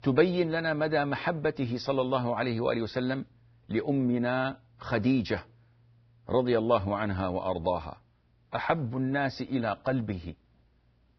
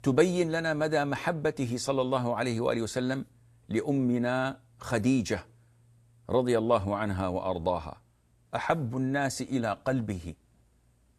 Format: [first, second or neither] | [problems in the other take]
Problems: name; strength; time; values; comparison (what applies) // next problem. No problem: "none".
second | garbled, watery; badly; nothing above 5.5 kHz; slightly in the second